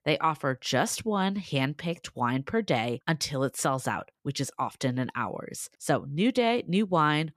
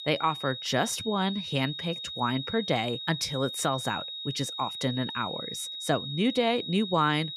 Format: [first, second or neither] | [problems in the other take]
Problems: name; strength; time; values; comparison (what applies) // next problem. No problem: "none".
first | high-pitched whine; loud; throughout; 4 kHz, 6 dB below the speech